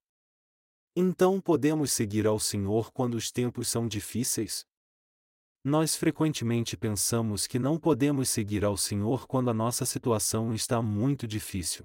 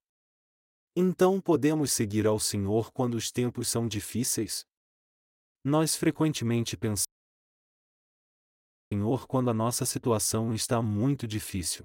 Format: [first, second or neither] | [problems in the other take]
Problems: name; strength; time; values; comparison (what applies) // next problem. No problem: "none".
first | audio cutting out; at 7 s for 2 s